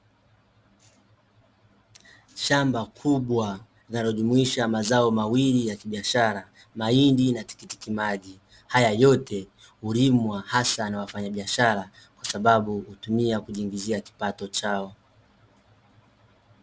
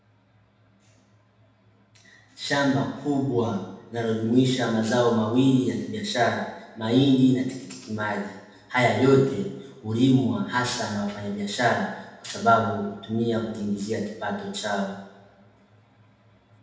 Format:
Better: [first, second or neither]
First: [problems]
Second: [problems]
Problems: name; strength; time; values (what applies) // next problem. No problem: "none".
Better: first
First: none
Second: room echo; dies away in 0.9 s